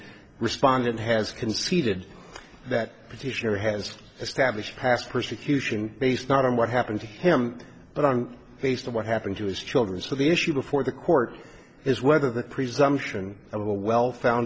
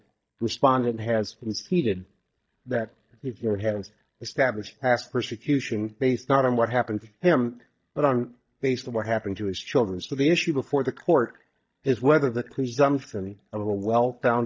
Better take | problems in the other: first | noise reduction (neural mask model DeepFilterNet 3)

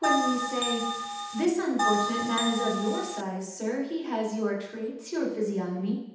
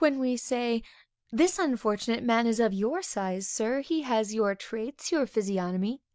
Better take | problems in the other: second | background sound (Bell); as loud as the speech // room echo; dies away in 0.8 s

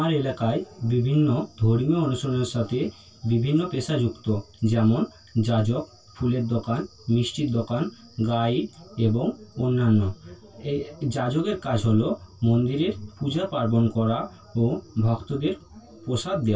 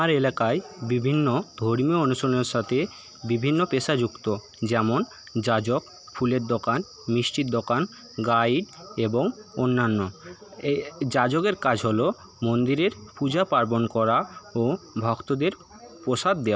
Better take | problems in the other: second | room echo; dies away in 0.1 s

